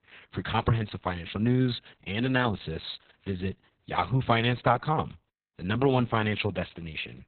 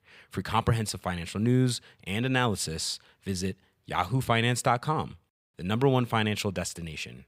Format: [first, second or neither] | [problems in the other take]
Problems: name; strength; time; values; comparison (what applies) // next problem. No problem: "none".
second | garbled, watery; badly; nothing above 4 kHz